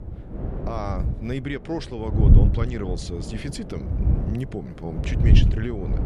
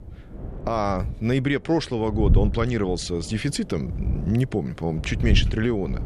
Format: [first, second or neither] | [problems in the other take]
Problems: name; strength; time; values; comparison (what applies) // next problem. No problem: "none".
second | wind noise on the microphone; heavy; 3 dB below the speech; occasional gusts in the second